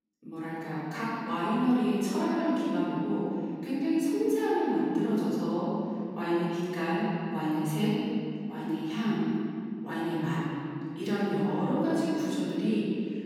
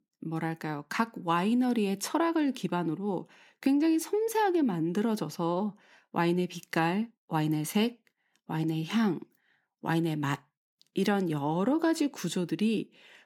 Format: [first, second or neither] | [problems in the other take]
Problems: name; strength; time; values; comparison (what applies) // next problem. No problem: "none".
second | off-mic speech; far // room echo; strong; dies away in 2.6 s